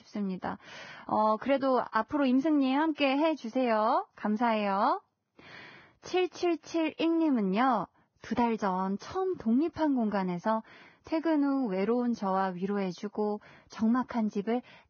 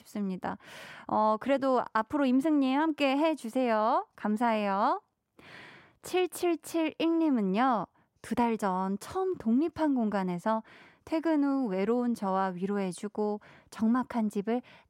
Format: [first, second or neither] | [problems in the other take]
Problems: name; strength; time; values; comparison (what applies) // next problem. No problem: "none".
second | garbled, watery; badly; nothing above 6.5 kHz